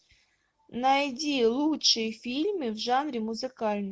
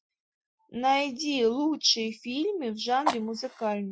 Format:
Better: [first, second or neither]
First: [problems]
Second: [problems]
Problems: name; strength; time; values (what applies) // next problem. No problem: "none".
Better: first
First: none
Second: noise reduction (classical method Wiener filter)